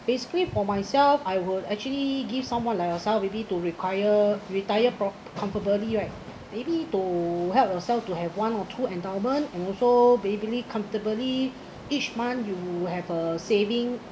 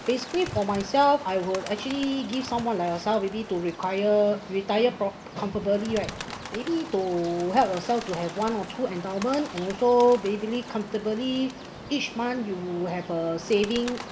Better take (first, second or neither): first